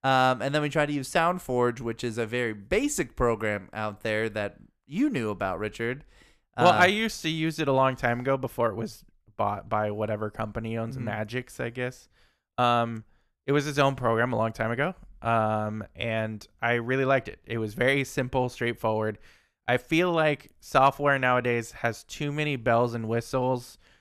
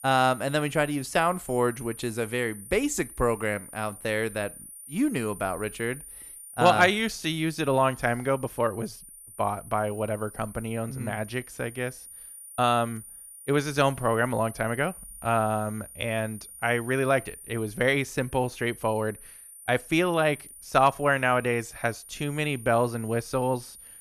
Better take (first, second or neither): first